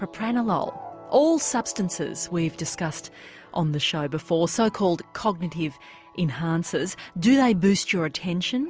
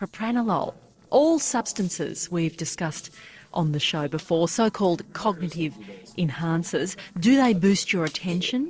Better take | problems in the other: first | noise reduction (neural separator model SepFormer DNS4)

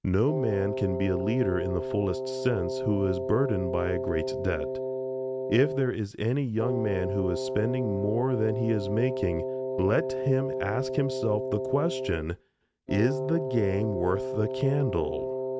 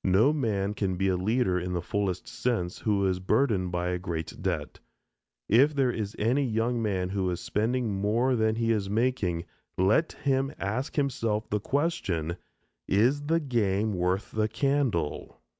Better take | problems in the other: second | background sound (Wind instrument, woodwind instrument); 4 dB below the speech

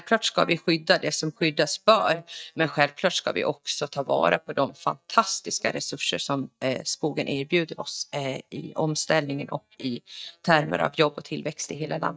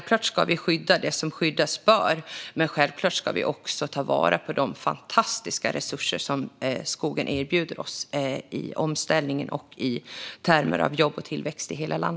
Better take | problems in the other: second | noise reduction (neural mask model DeepFilterNet 3)

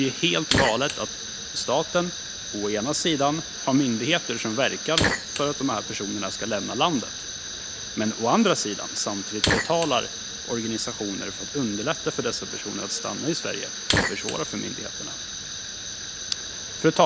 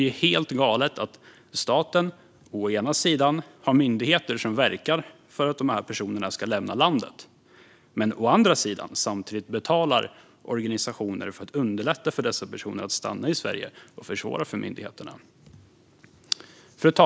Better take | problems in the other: second | background sound (Fire); 4 dB below the speech

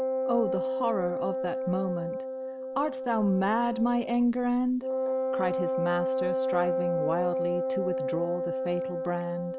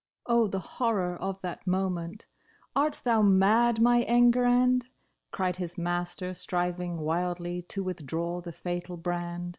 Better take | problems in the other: second | background sound (Wind instrument, woodwind instrument); as loud as the speech

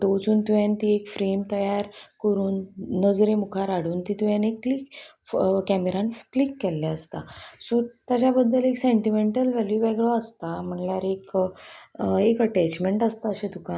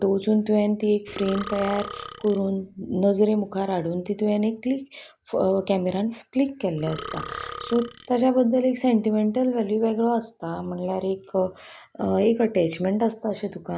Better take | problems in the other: first | background sound (Burping, eructation); 13 dB below the speech

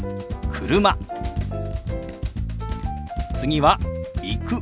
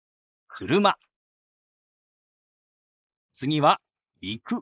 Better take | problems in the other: first | noise reduction (neural mask model Resemble Enhance denoiser)

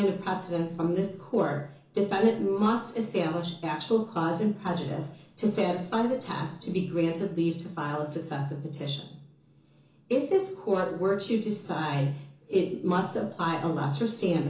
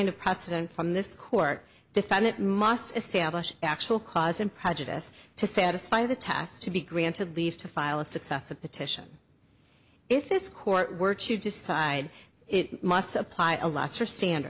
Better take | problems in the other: second | room echo; dies away in 0.7 s

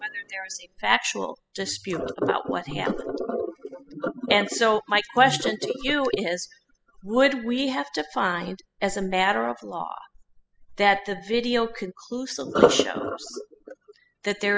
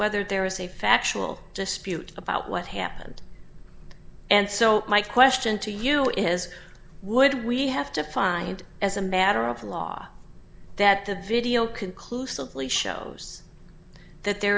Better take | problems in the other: second | noise reduction (classical method spectral subtraction)

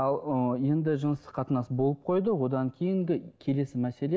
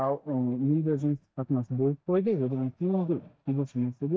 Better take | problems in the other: first | noise reduction (neural mask model DeepFilterNet 3)

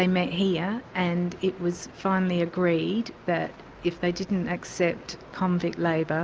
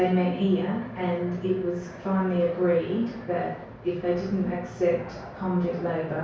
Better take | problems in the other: first | background sound (Fixed-wing aircraft, airplane); 18 dB below the speech // room echo; dies away in 0.6 s

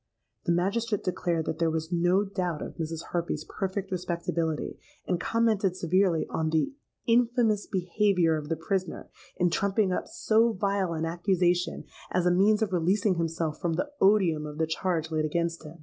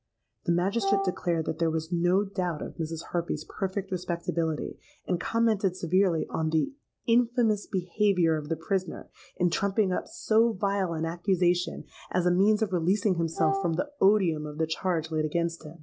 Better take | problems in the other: first | background sound (Wind instrument, woodwind instrument); 4 dB below the speech

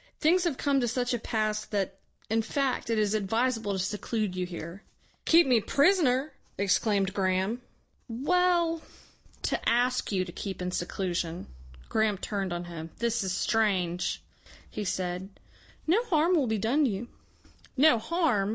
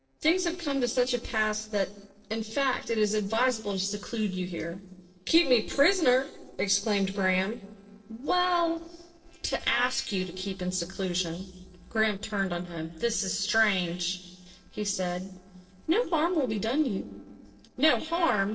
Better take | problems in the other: first | noise reduction (neural separator model SepFormer DNS4)

